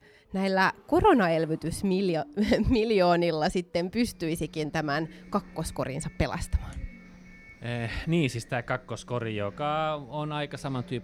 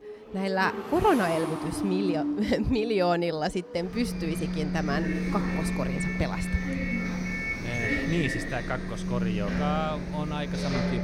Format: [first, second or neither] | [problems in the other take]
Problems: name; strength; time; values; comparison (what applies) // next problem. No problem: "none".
first | traffic noise; loud; throughout; 1 dB below the speech; faint in the first